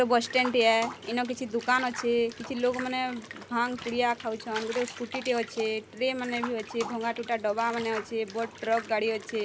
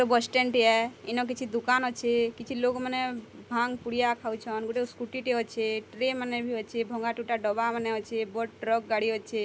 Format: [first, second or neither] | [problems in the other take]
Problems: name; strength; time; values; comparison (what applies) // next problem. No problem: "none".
second | background sound (Bathtub (filling or washing) / Water); 14 dB below the speech